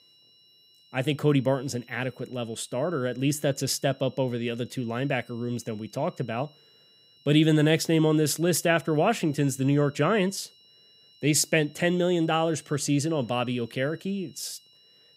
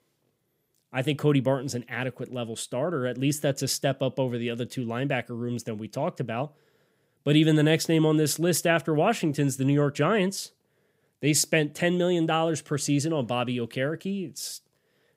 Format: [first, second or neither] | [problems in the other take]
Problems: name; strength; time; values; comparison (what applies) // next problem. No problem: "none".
second | high-pitched whine; faint; throughout; 4 kHz, 30 dB below the speech